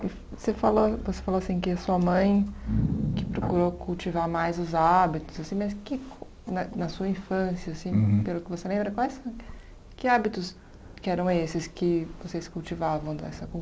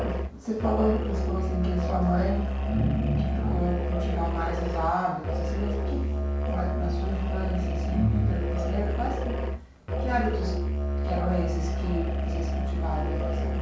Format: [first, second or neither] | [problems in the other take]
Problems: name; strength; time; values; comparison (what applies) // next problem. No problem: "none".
first | background sound (Musical instrument); 3 dB above the speech // room echo; dies away in 0.5 s